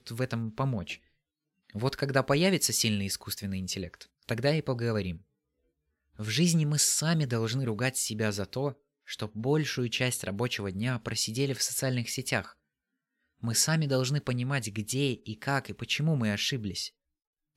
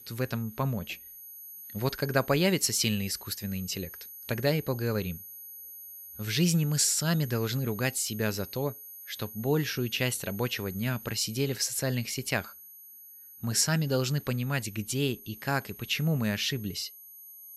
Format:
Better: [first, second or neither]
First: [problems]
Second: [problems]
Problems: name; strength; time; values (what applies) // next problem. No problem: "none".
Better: first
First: none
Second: high-pitched whine; noticeable; throughout; 12 kHz, 15 dB below the speech